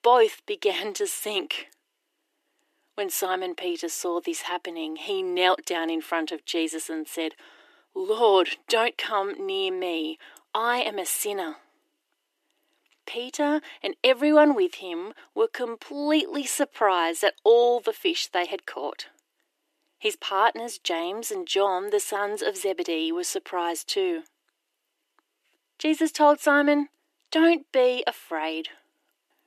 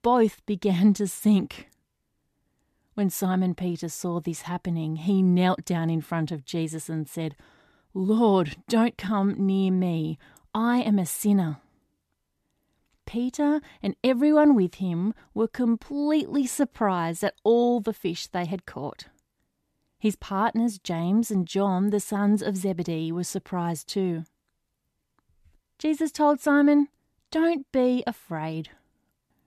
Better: second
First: thin; very; fading below 300 Hz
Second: none

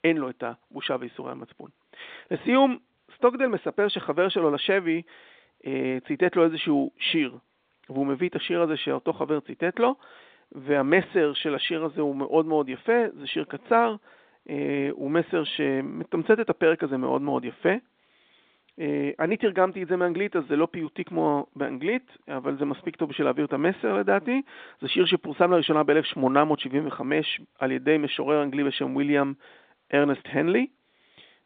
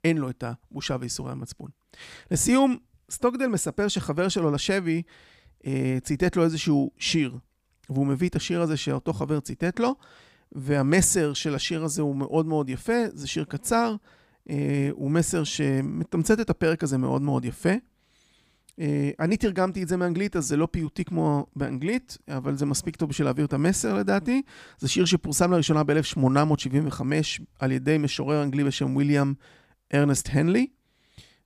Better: second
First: phone-call audio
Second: none

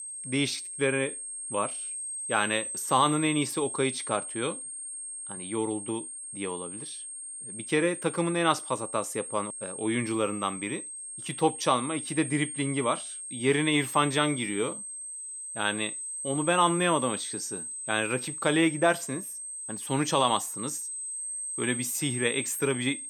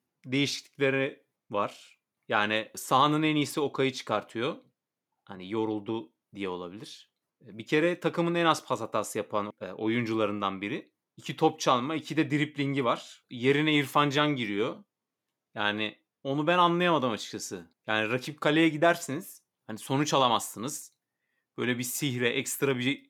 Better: second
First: high-pitched whine; loud; throughout; 8.5 kHz, 6 dB below the speech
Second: none

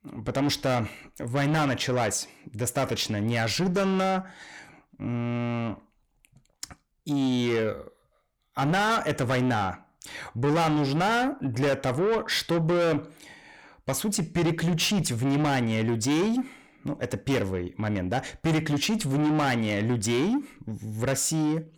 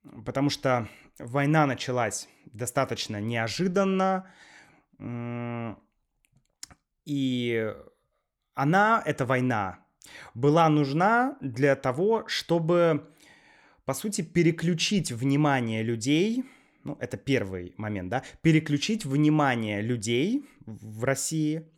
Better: second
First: distortion; heavy; 7 dB below the speech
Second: none

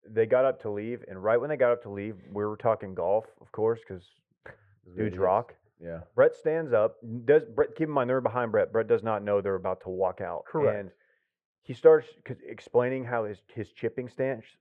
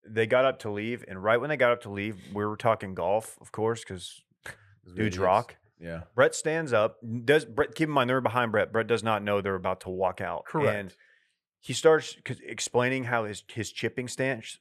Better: second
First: muffled; very; fading above 3.5 kHz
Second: none

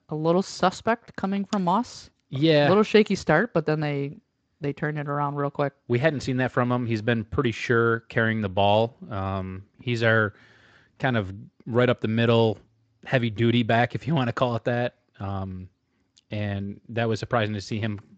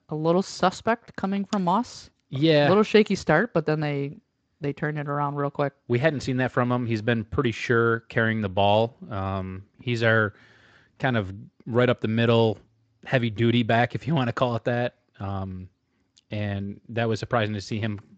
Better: neither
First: garbled, watery; slightly; nothing above 7.5 kHz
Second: garbled, watery; slightly; nothing above 7.5 kHz

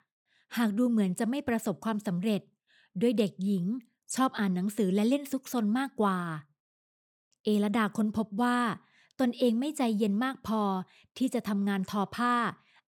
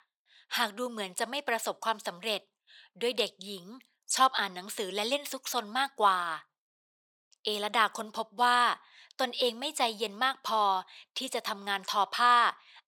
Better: first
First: none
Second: thin; very; fading below 700 Hz

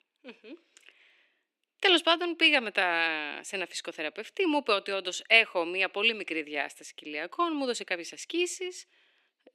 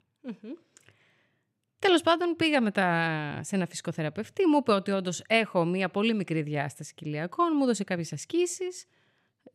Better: second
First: thin; somewhat; fading below 300 Hz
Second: none

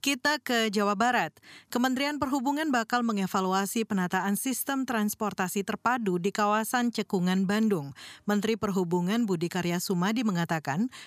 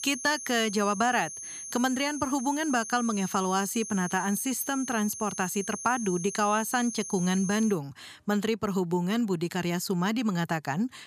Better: first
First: none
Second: high-pitched whine; loud; until 7.5 s; 6.5 kHz, 9 dB below the speech

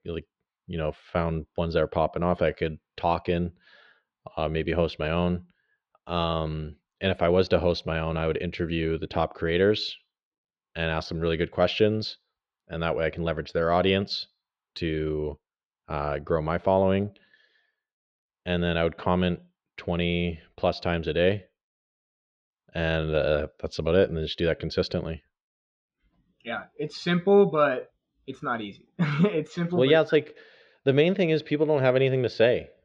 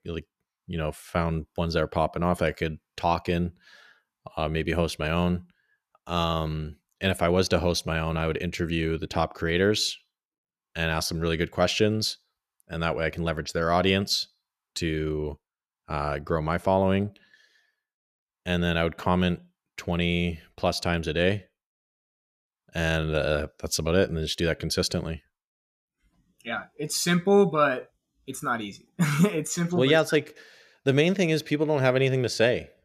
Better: second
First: muffled; slightly; fading above 4 kHz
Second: none

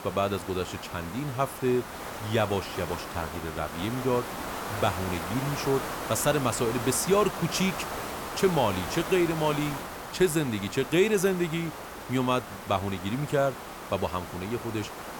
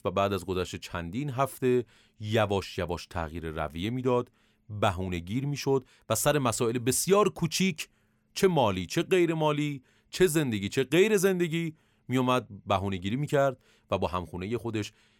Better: second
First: hiss; loud; throughout; 8 dB below the speech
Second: none

